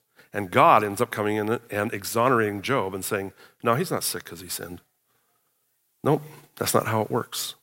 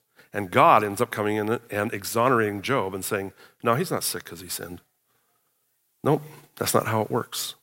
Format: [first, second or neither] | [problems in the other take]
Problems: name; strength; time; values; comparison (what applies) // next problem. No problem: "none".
neither | none